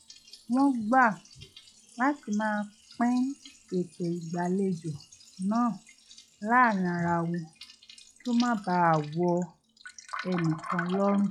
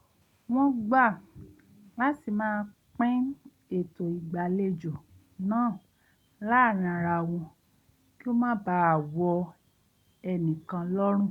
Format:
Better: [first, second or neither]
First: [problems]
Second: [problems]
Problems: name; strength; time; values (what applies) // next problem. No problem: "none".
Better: second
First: noise reduction (classical method log-MMSE)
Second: none